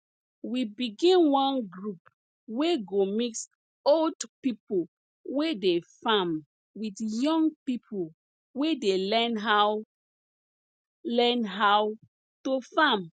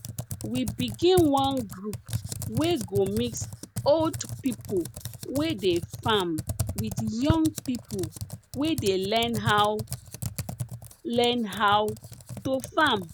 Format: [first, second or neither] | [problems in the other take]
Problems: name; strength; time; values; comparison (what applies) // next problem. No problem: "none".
first | background sound (Computer keyboard); 8 dB below the speech